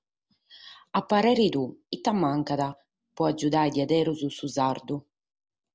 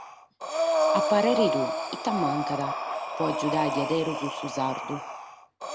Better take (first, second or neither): first